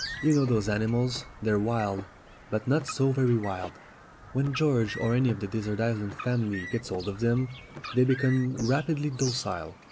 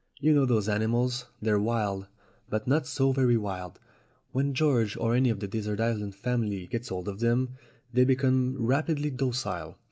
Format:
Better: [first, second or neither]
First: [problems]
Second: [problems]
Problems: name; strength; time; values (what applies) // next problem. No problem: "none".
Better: second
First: background sound (Car + Bird vocalization, bird call, bird song); 15 dB below the speech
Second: none